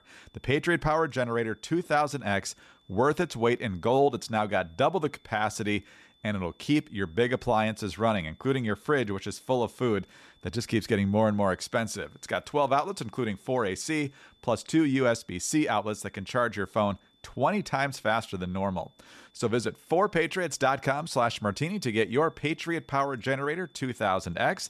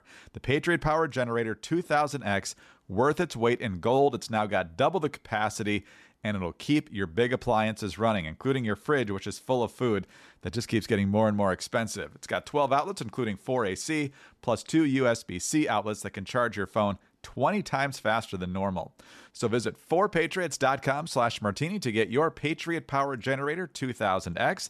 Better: second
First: high-pitched whine; faint; throughout; 3.5 kHz, 35 dB below the speech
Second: none

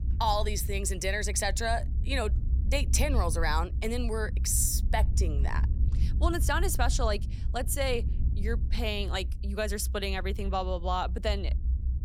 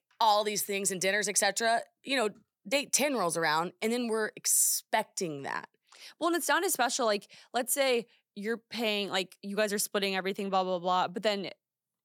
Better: second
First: low rumble; noticeable; throughout; 20 dB below the speech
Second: none

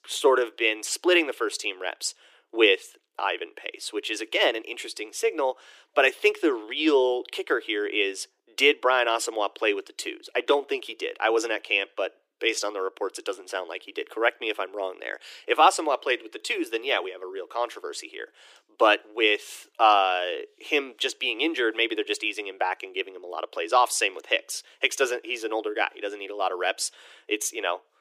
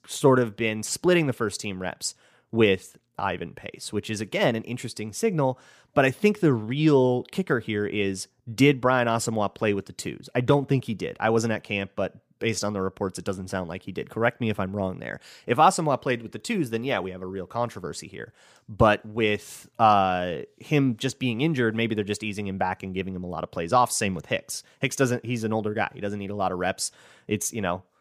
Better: second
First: thin; very; fading below 300 Hz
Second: none

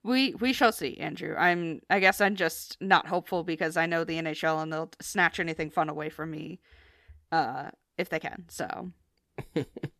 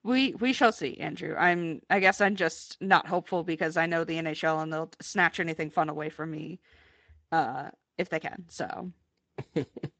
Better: first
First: none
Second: garbled, watery; slightly; nothing above 7.5 kHz

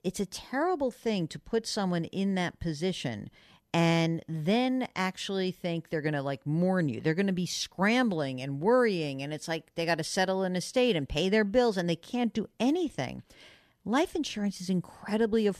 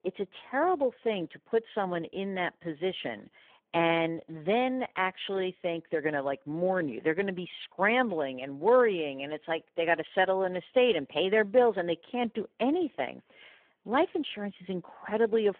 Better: first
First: none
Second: phone-call audio; poor line

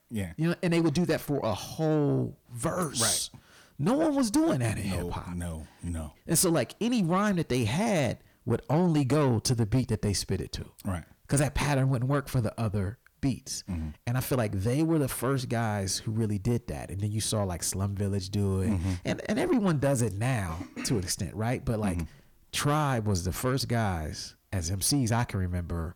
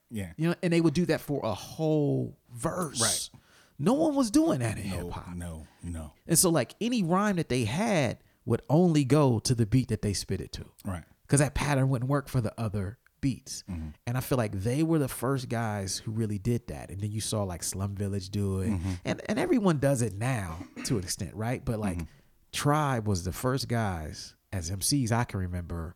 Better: second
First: distortion; slight; 10 dB below the speech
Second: none

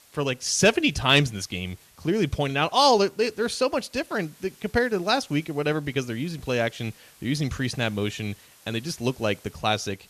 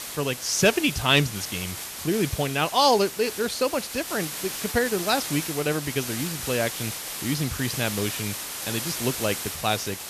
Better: first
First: hiss; faint; throughout; 25 dB below the speech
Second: hiss; loud; throughout; 6 dB below the speech

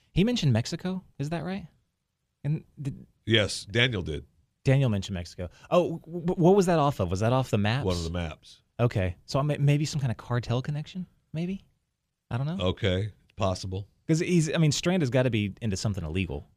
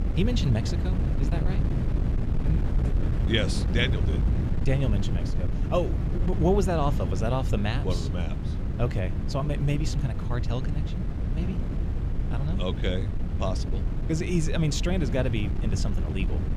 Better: first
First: none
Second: wind noise on the microphone; heavy; 8 dB below the speech

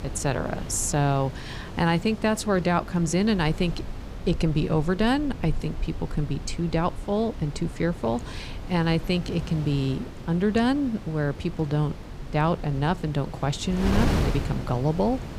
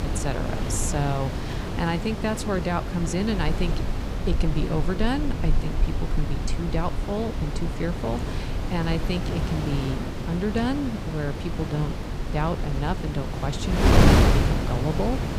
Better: first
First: wind noise on the microphone; occasional gusts; 10 dB below the speech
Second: wind noise on the microphone; heavy; as loud as the speech

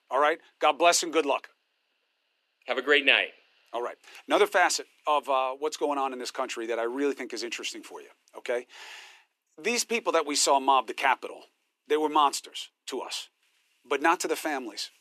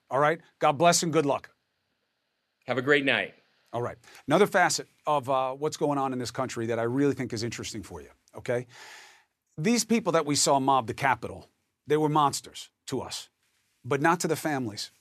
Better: second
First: thin; somewhat; fading below 300 Hz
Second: none

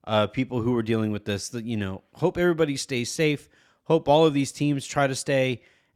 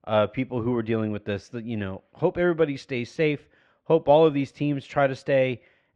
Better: first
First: none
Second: muffled; very; fading above 2.5 kHz

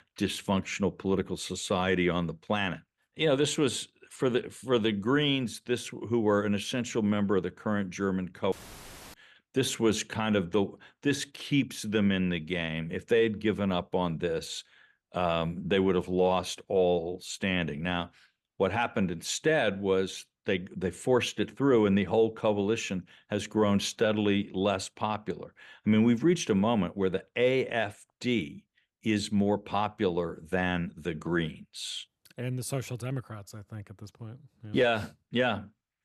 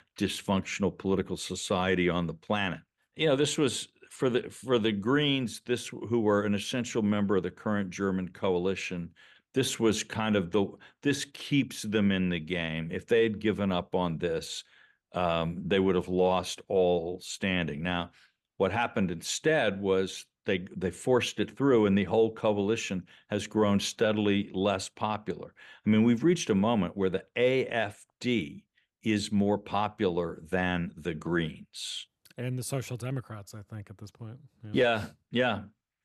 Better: second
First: audio cutting out; filled with static; at 8.5 s for 0.5 s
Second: none

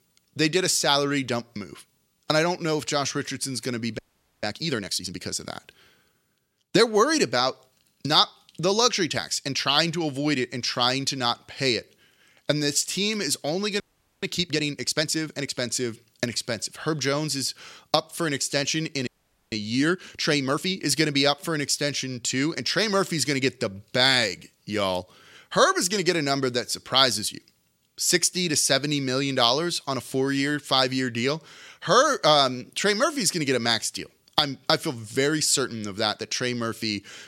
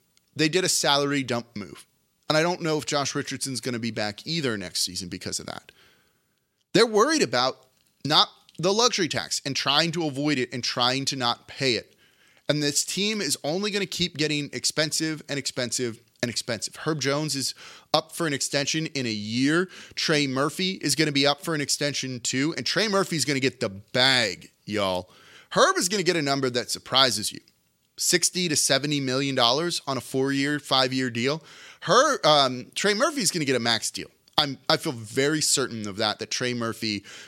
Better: second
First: audio freezing; at 4 s, at 14 s and at 19 s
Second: none

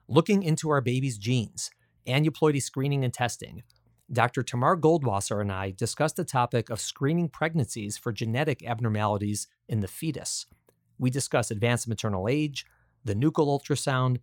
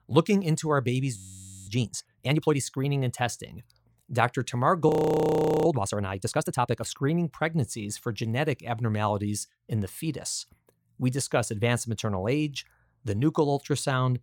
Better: first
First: none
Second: audio freezing; at 1 s for 0.5 s and at 5 s for 1 s

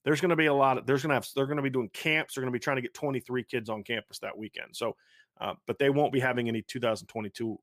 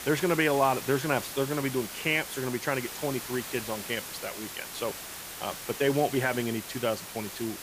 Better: first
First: none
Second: hiss; loud; throughout; 8 dB below the speech

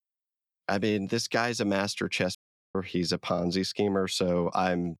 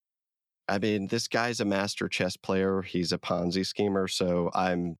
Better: second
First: audio cutting out; at 2.5 s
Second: none

